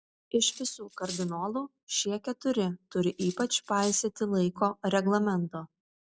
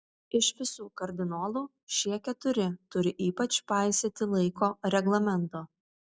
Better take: second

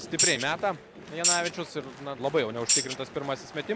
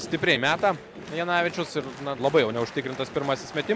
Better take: second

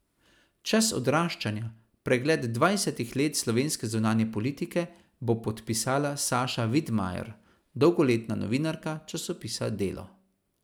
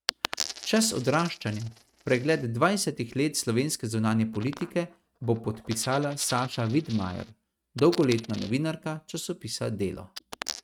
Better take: first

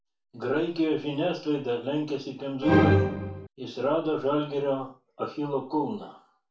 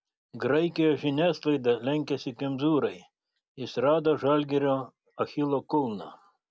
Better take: second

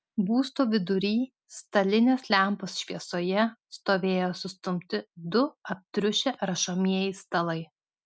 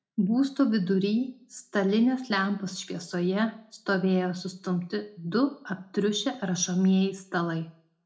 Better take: first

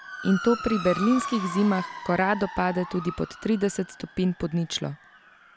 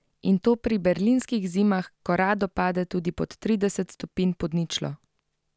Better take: second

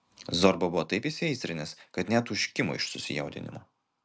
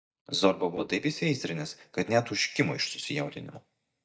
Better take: first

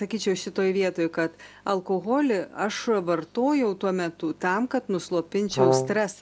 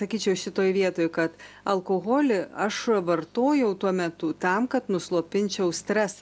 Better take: second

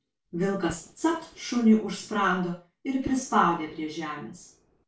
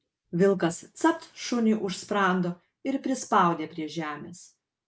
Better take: second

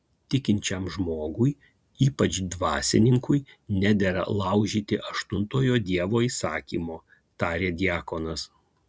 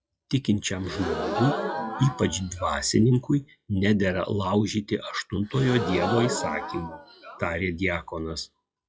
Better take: first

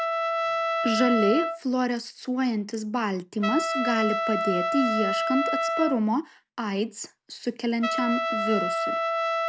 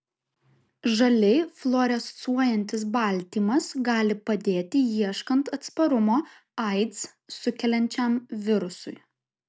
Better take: second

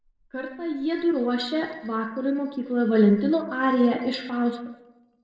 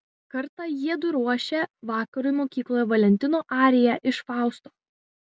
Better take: second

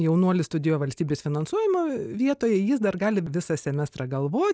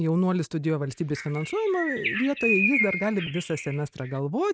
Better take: first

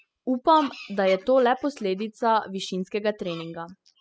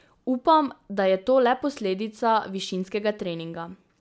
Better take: second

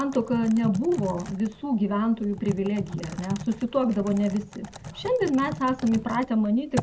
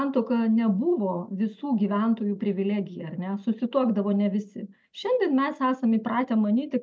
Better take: second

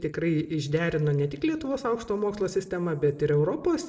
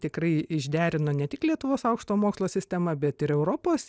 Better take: second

